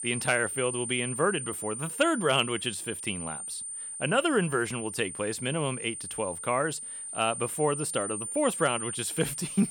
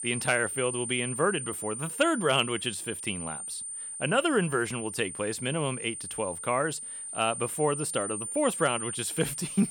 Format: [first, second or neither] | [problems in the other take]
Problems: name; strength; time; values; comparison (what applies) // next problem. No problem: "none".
neither | high-pitched whine; loud; throughout; 9 kHz, 6 dB below the speech; the same in both